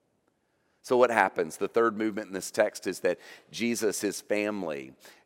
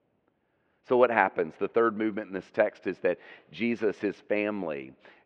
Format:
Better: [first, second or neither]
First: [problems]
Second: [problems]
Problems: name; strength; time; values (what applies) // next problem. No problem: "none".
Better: first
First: none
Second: muffled; very; fading above 3 kHz